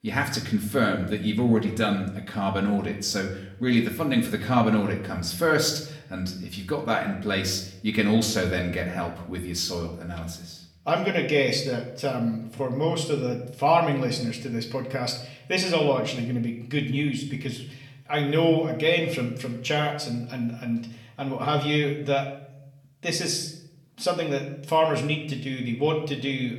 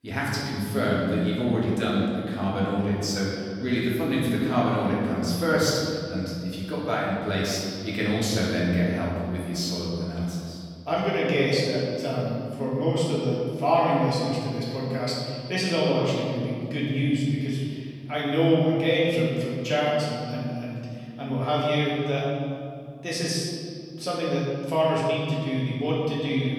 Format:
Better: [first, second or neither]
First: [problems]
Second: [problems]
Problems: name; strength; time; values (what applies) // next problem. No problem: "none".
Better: first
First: room echo; slight; dies away in 0.6 s // off-mic speech; somewhat distant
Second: room echo; strong; dies away in 2.5 s // off-mic speech; far